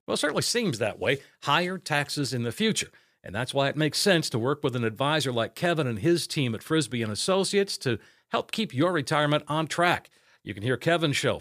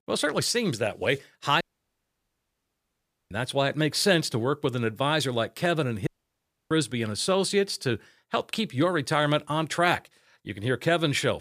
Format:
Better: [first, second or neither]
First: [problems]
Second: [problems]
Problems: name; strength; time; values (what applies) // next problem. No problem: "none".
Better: first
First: none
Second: audio cutting out; at 1.5 s for 1.5 s and at 6 s for 0.5 s